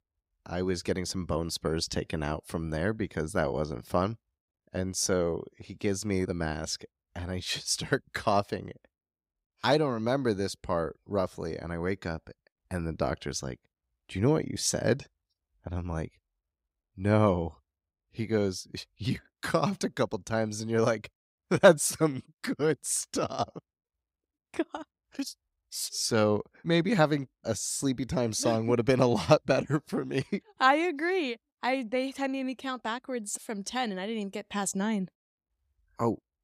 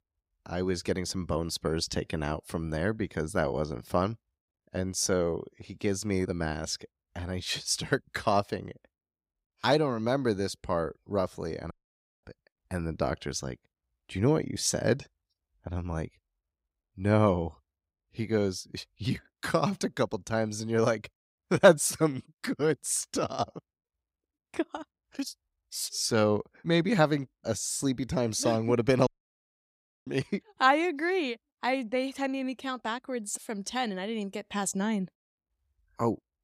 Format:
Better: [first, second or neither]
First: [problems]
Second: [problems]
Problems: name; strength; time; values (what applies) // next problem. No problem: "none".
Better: first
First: none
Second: audio cutting out; at 12 s for 0.5 s and at 29 s for 1 s